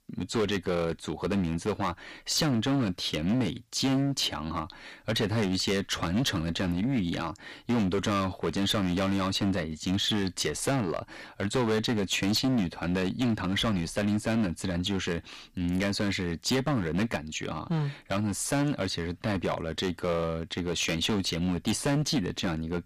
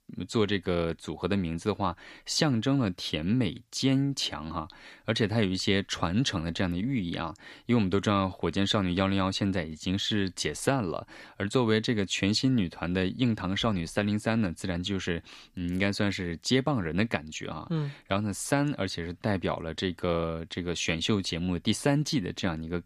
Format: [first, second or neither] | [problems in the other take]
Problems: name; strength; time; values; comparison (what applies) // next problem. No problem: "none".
second | distortion; heavy; 11% of the sound clipped